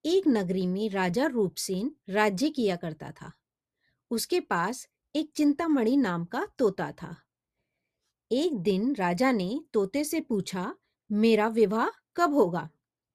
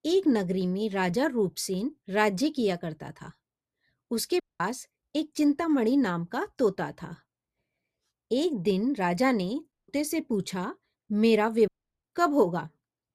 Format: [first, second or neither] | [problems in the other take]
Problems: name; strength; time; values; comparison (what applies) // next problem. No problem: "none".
first | audio cutting out; at 4.5 s, at 9.5 s and at 12 s